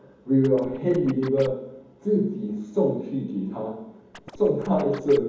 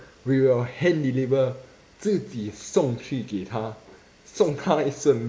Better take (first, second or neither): second